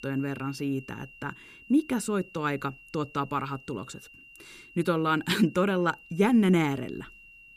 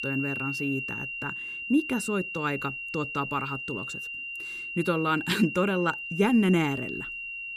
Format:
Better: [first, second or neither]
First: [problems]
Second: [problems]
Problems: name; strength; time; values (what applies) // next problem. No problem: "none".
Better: first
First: high-pitched whine; faint; throughout; 3 kHz, 20 dB below the speech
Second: high-pitched whine; loud; throughout; 3 kHz, 5 dB below the speech